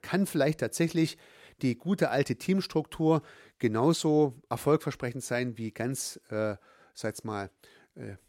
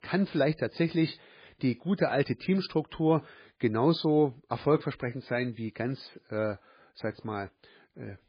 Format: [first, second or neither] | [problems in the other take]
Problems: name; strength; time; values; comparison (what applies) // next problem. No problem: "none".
first | garbled, watery; badly